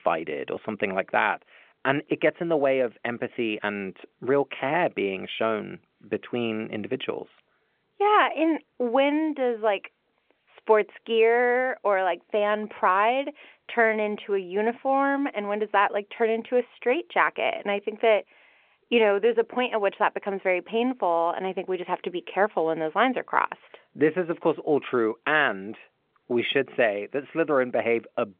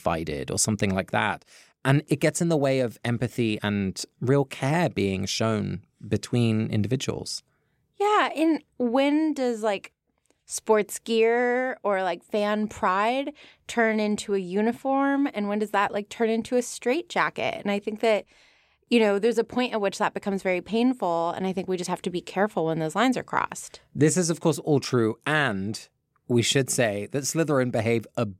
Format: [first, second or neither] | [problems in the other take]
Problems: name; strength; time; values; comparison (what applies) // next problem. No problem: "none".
second | phone-call audio; nothing above 3.5 kHz